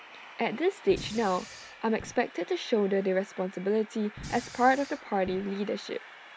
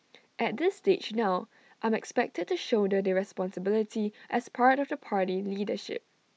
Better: second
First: background sound (Fire + Train); 17 dB below the speech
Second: none

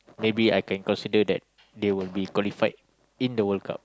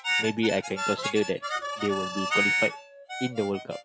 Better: first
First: none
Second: noise reduction (classical method log-MMSE)

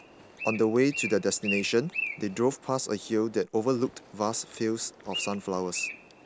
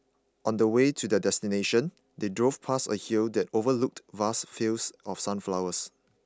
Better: second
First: background sound (Bird); 10 dB below the speech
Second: none

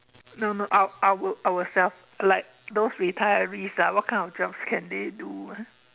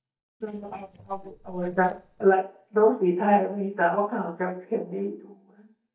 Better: first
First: none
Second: noise reduction (neural mask model DeepFilterNet 3)

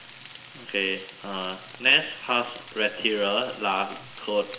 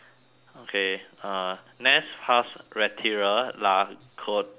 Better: second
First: background sound (Frying (food)); 18 dB below the speech // room echo; dies away in 1.9 s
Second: none

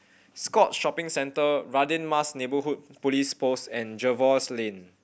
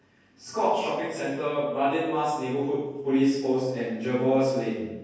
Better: first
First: none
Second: room echo; dies away in 1.3 s

